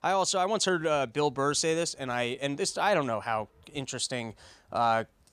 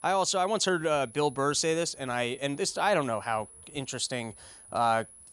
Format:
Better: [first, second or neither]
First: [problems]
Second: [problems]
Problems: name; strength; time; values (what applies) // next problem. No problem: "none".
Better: first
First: none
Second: high-pitched whine; faint; throughout; 10 kHz, 20 dB below the speech